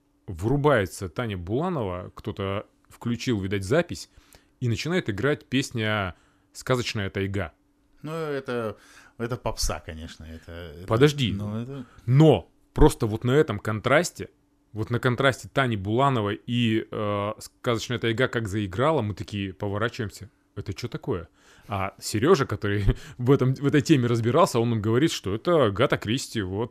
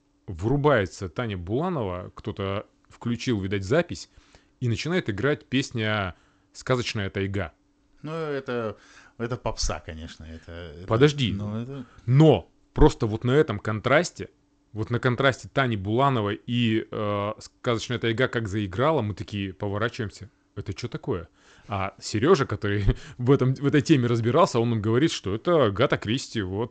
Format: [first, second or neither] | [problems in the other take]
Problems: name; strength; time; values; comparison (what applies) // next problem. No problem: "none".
first | garbled, watery; slightly; nothing above 8 kHz